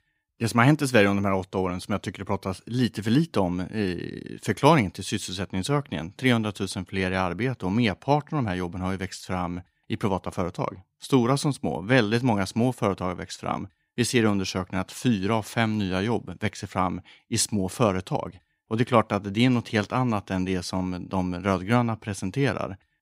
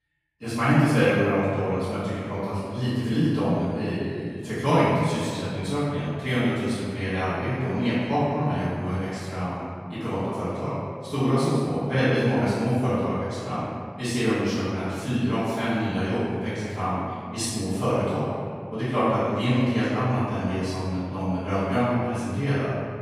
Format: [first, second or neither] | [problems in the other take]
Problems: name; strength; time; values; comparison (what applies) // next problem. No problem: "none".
first | off-mic speech; far // room echo; strong; dies away in 2.1 s